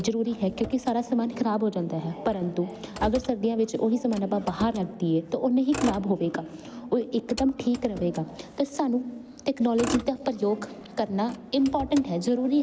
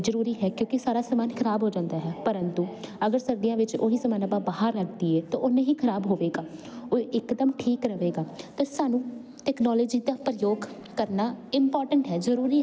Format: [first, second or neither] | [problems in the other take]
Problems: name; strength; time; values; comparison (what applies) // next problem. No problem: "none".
second | background sound (Motor vehicle (road)); 15 dB below the speech